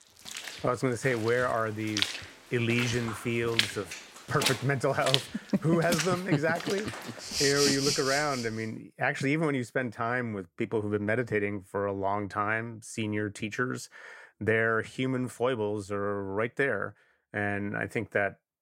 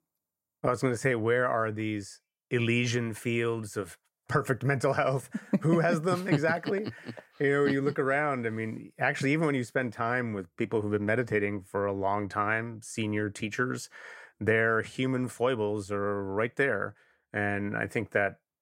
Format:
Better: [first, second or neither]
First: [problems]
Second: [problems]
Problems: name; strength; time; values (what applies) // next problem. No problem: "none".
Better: second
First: rain or running water; loud; until 8 s; 2 dB below the speech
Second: none